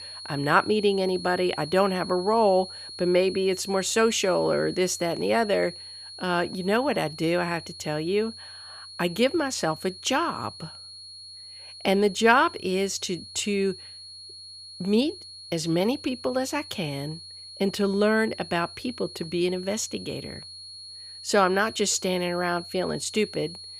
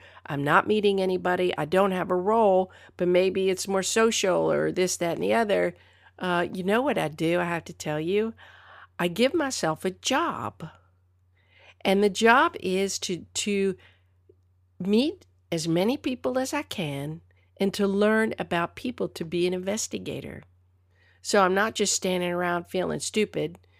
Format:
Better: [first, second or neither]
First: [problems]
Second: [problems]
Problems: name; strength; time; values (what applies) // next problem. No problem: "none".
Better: second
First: high-pitched whine; noticeable; throughout; 4.5 kHz, 15 dB below the speech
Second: none